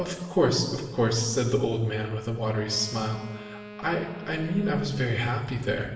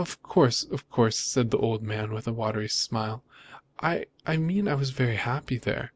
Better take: second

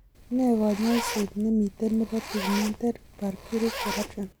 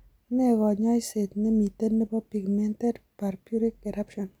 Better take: second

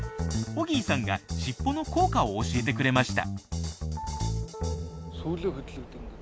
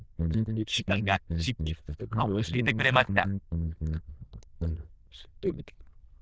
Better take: first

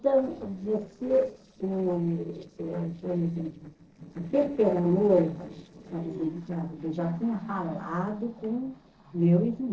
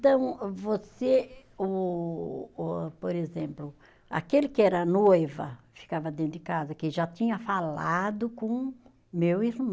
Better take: second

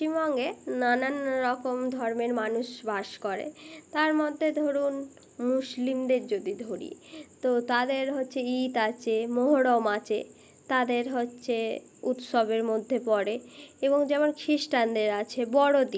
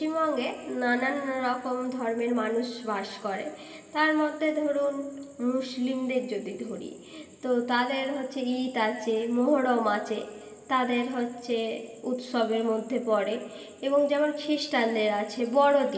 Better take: first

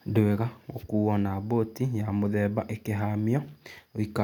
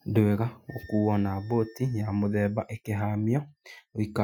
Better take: first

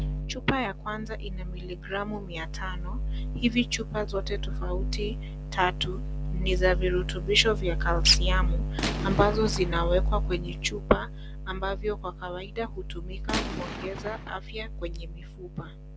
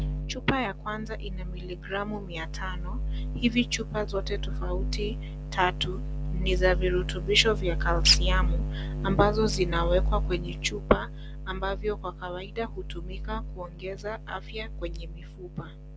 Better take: second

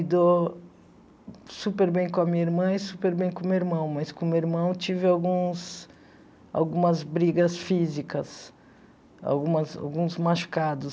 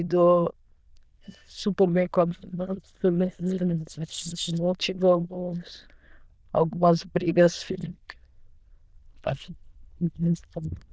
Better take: first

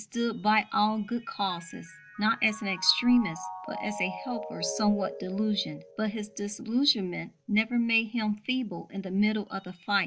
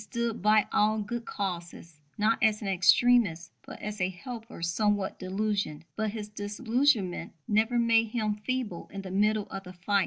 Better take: second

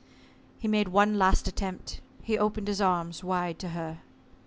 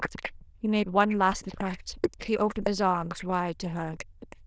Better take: first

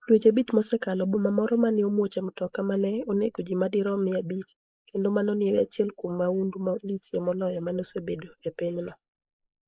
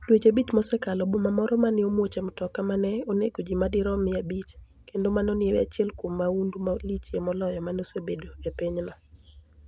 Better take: second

